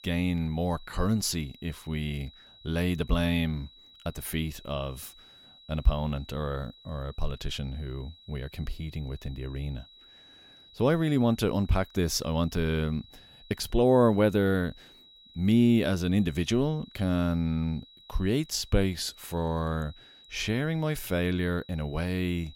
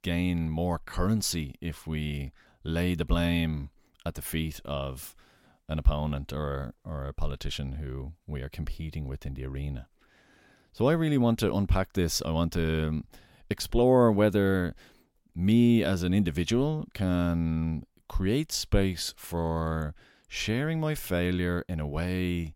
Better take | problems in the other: second | high-pitched whine; faint; throughout; 4 kHz, 25 dB below the speech

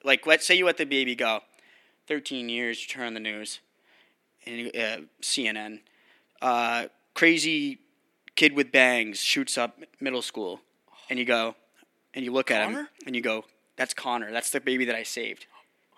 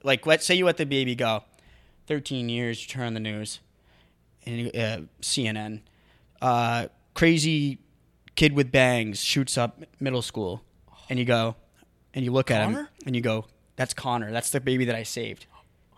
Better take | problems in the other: second | thin; very slightly; fading below 250 Hz

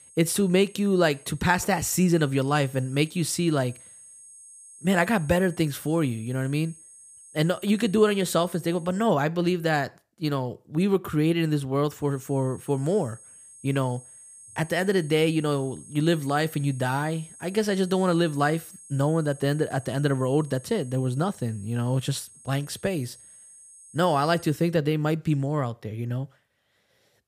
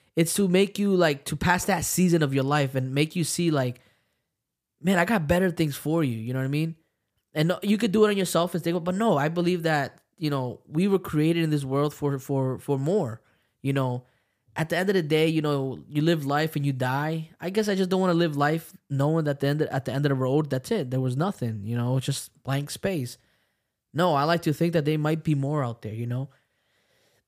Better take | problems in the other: second | high-pitched whine; faint; until 9 s and from 12 to 25 s; 8.5 kHz, 20 dB below the speech

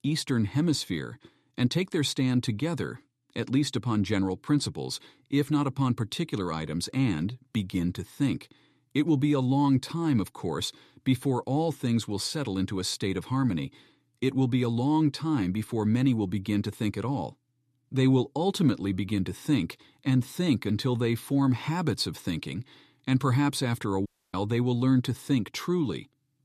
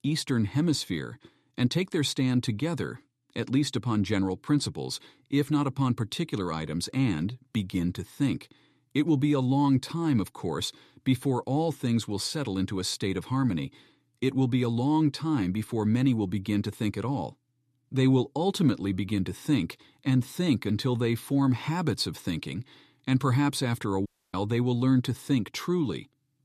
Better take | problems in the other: neither | audio cutting out; at 24 s; the same in both

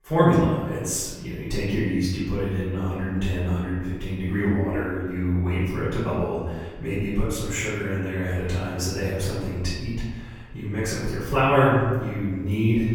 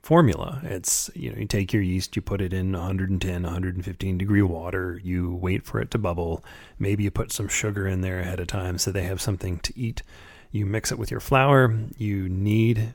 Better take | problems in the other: second | off-mic speech; far // room echo; strong; dies away in 1.2 s

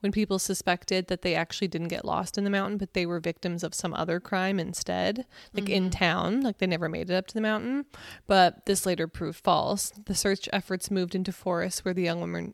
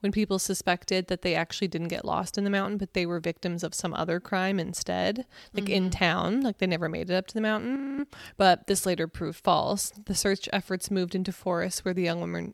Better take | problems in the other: first | audio freezing; at 8 s

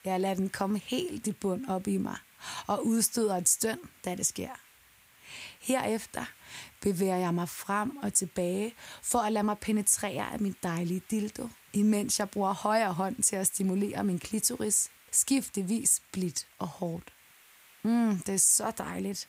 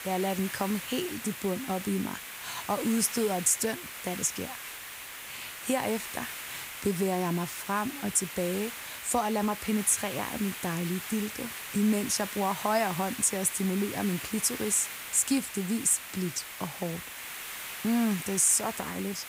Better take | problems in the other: first | hiss; loud; throughout; 9 dB below the speech; faint in the first

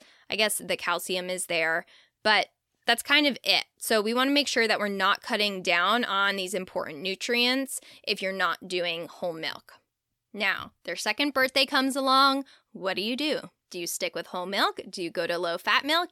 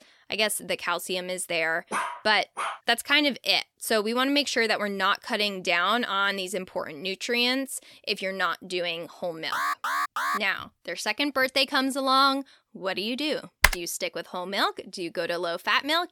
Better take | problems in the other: first | dog barking; noticeable; at 2 s; peak 4 dB below the speech // alarm; noticeable; at 9.5 s; peak 1 dB below the speech // keyboard typing; loud; at 14 s; peak 4 dB above the speech

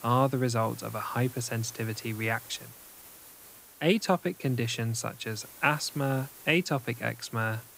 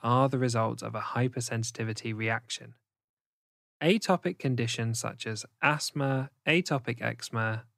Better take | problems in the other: second | hiss; noticeable; throughout; 15 dB below the speech

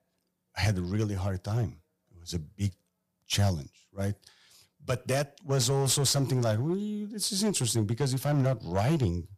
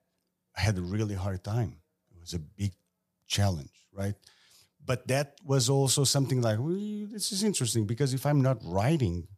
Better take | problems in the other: second | distortion; slight; 4% of the sound clipped

